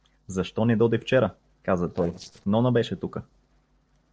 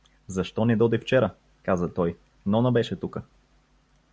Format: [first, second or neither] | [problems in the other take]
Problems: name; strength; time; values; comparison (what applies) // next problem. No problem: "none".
second | noise reduction (neural separator model SepFormer DNS4)